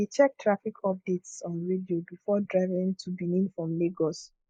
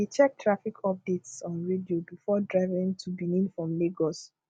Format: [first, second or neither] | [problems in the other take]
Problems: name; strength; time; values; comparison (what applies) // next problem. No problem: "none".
second | noise reduction (neural mask model Resemble Enhance denoiser)